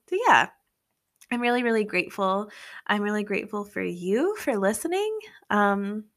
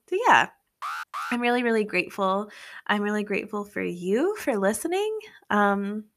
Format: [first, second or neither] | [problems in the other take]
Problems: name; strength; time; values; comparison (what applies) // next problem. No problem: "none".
first | alarm; noticeable; at 1 s; peak 7 dB below the speech